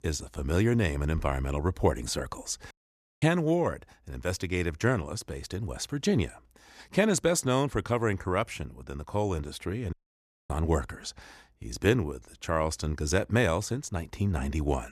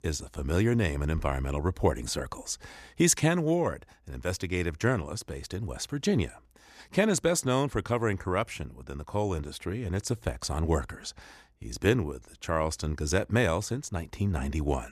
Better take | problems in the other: second | audio cutting out; at 2.5 s for 0.5 s and at 10 s for 0.5 s

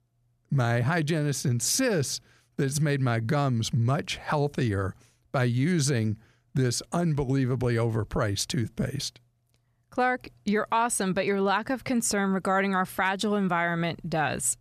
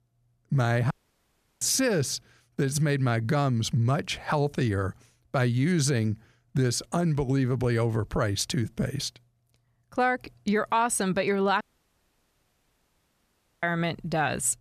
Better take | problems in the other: first | audio cutting out; at 1 s for 0.5 s and at 12 s for 2 s

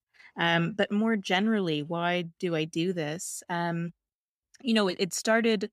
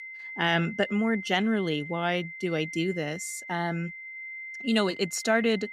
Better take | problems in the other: first | high-pitched whine; noticeable; throughout; 2 kHz, 10 dB below the speech

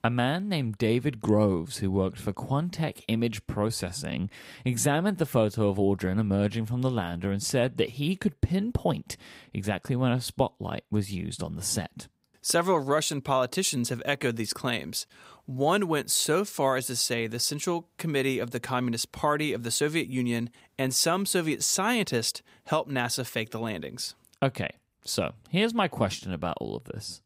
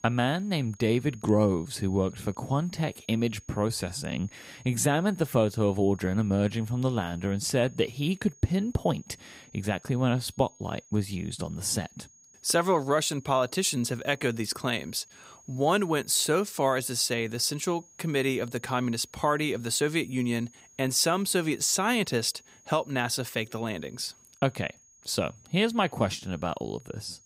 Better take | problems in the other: first | high-pitched whine; faint; throughout; 6.5 kHz, 25 dB below the speech

